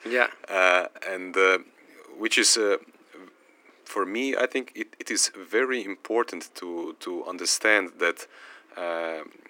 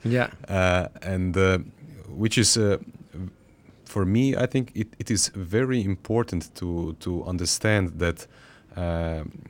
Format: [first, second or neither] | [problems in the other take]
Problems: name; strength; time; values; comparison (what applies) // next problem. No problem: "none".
second | thin; very; fading below 300 Hz